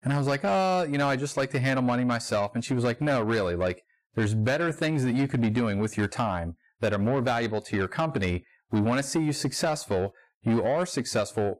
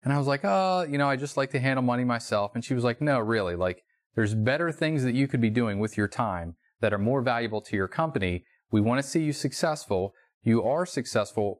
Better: second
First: distortion; slight; 10 dB below the speech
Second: none

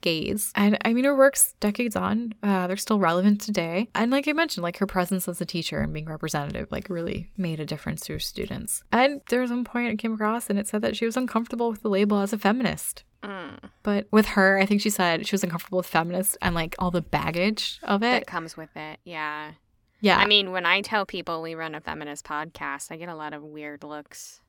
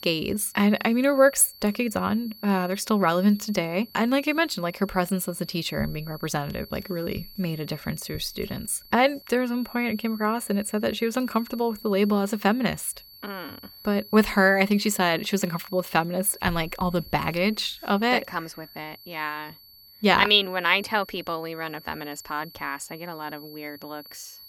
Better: first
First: none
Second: high-pitched whine; noticeable; throughout; 4.5 kHz, 20 dB below the speech

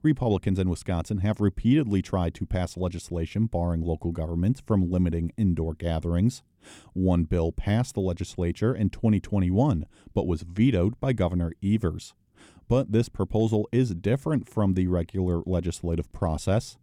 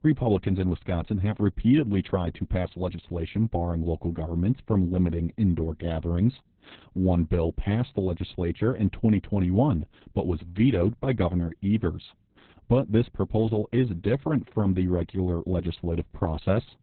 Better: first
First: none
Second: garbled, watery; badly; nothing above 4 kHz

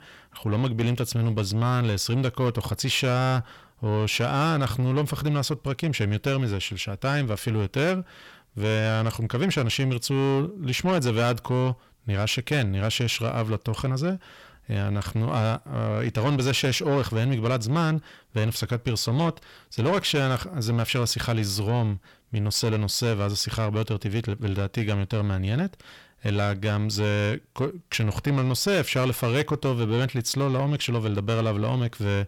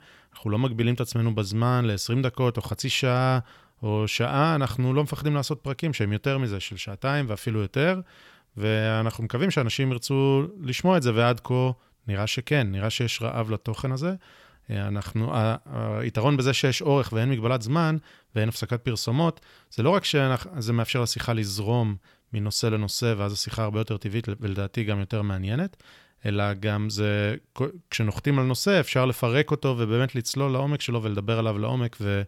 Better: second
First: distortion; slight; 10 dB below the speech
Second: none

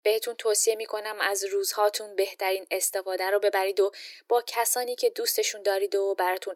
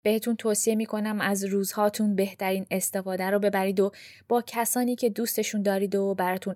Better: second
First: thin; very; fading below 300 Hz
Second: none

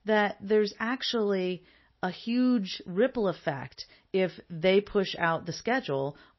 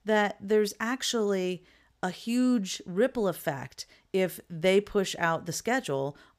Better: second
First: garbled, watery; slightly; nothing above 6 kHz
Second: none

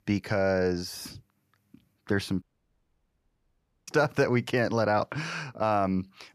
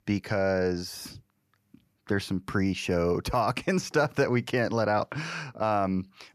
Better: second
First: audio cutting out; at 2.5 s for 1.5 s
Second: none

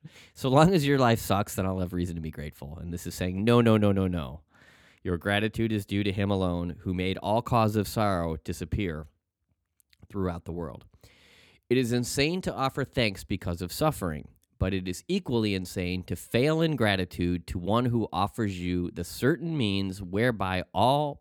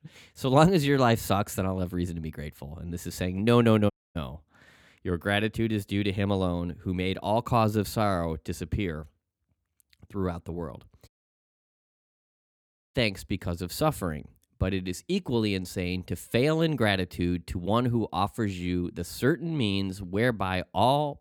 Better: first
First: none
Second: audio cutting out; at 4 s and at 11 s for 2 s

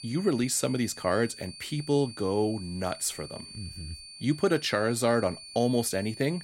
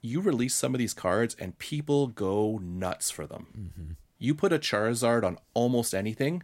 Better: second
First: high-pitched whine; noticeable; throughout; 4.5 kHz, 15 dB below the speech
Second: none

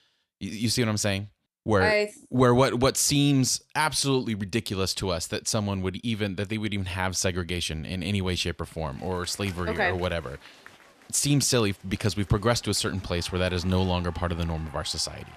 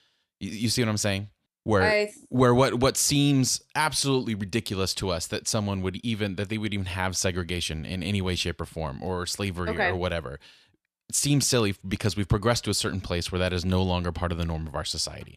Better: second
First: crowd noise; faint; from 9 s on; 25 dB below the speech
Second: none

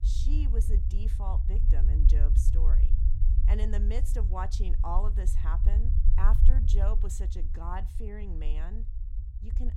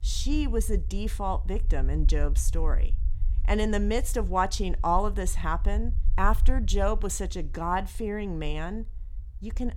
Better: second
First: low rumble; loud; throughout; 7 dB below the speech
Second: low rumble; faint; throughout; 25 dB below the speech

